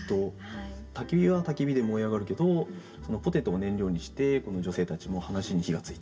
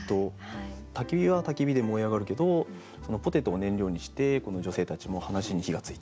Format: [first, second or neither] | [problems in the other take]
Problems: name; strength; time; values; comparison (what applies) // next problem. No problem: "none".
second | room echo; dies away in 1.5 s